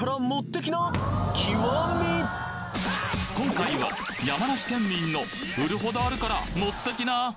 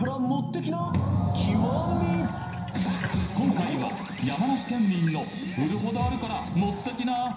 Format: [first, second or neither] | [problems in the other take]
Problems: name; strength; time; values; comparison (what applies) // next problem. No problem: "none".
first | background sound (Sink (filling or washing)); 20 dB below the speech // room echo; dies away in 0.9 s